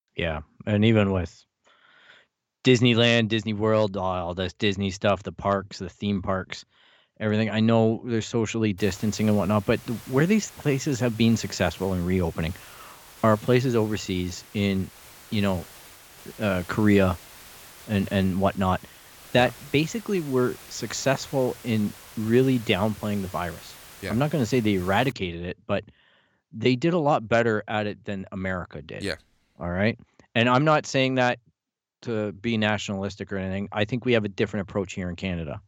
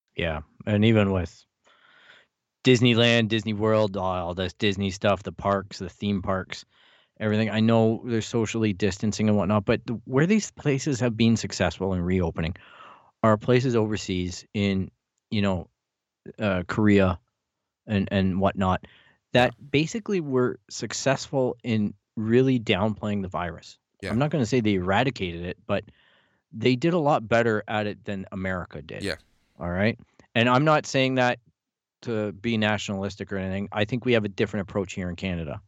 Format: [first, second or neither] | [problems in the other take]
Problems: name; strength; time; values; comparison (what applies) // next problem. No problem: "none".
second | hiss; noticeable; from 9 to 25 s; 20 dB below the speech